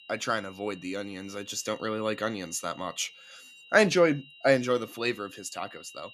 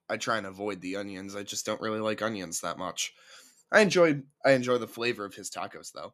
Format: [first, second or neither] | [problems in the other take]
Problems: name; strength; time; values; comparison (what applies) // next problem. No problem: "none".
second | high-pitched whine; faint; throughout; 3 kHz, 20 dB below the speech